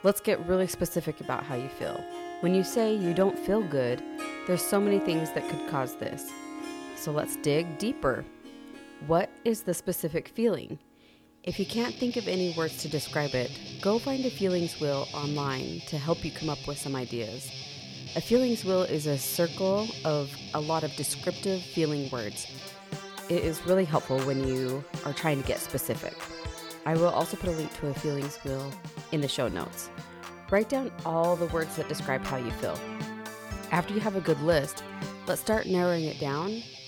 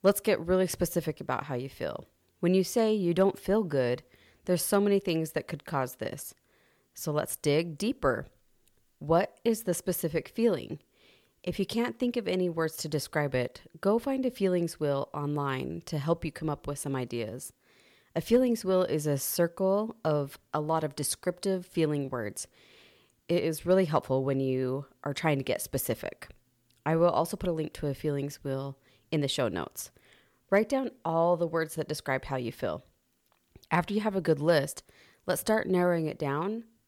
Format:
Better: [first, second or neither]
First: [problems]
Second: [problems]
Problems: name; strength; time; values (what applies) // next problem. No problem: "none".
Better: second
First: background music; loud; throughout; 9 dB below the speech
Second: none